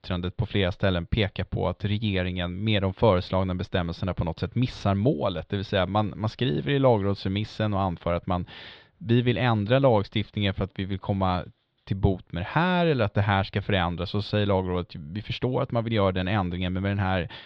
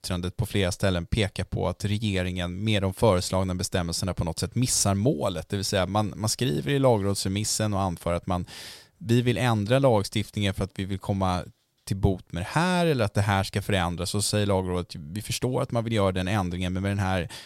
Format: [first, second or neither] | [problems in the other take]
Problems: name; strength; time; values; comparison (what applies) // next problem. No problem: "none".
second | muffled; very; fading above 3.5 kHz